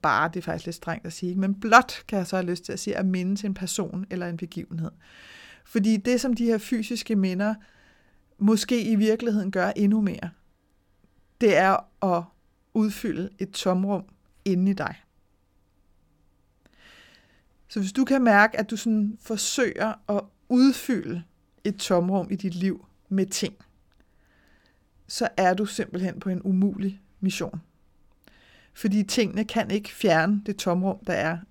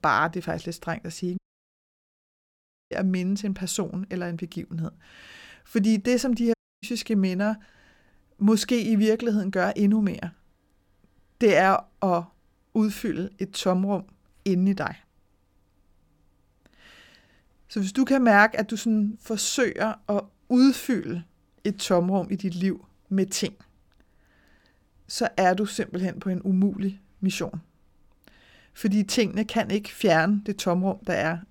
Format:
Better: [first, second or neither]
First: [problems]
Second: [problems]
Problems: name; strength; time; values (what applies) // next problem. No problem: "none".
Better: first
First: none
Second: audio cutting out; at 1.5 s for 1.5 s and at 6.5 s